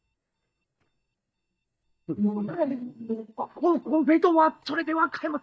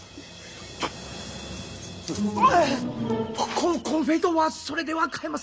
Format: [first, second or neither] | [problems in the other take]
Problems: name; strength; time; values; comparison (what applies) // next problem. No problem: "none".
second | noise reduction (neural mask model DeepFilterNet 3)